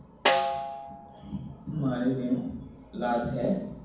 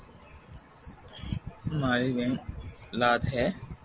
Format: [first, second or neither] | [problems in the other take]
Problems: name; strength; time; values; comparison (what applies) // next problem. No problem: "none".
second | background sound (Snare drum); 1 dB below the speech // room echo; dies away in 1.2 s